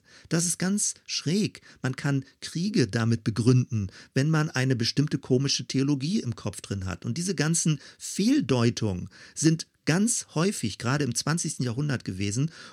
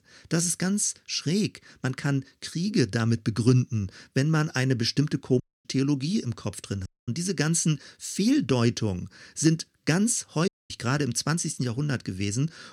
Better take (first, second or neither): first